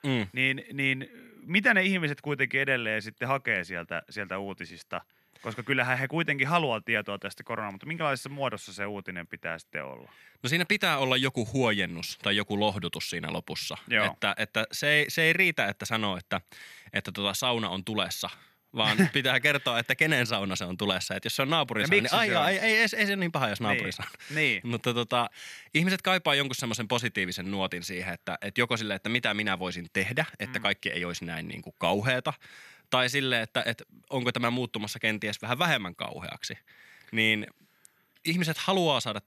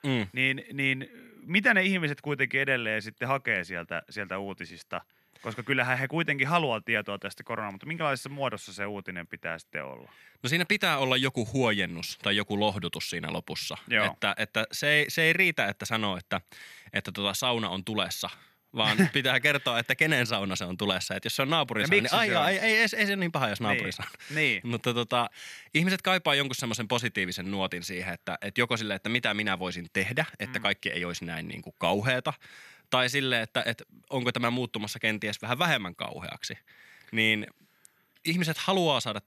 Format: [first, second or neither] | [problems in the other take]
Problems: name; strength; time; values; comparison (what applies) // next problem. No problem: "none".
neither | none